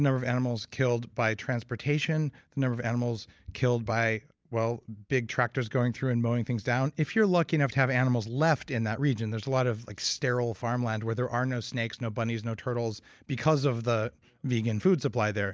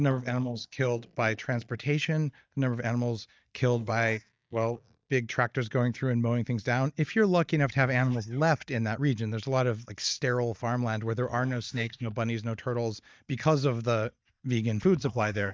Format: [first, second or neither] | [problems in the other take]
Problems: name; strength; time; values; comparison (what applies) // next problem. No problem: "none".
first | noise reduction (neural mask model DeepFilterNet 3)